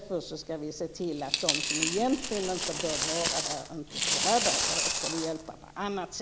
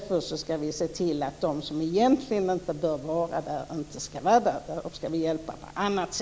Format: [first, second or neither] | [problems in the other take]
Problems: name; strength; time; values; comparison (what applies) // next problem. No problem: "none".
second | background sound (Coin (dropping)); 1 dB above the speech